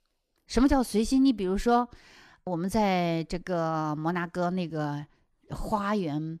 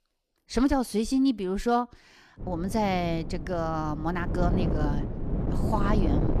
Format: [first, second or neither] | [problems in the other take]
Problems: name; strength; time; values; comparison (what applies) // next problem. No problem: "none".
first | wind noise on the microphone; heavy; from 2.5 s on; 8 dB below the speech